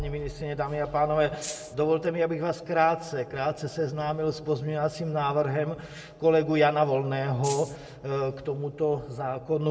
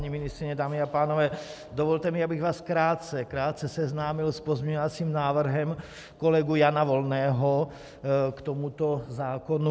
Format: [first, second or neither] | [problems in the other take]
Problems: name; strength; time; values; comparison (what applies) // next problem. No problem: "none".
second | background sound (Rattle (instrument)); 11 dB below the speech // room echo; dies away in 1 s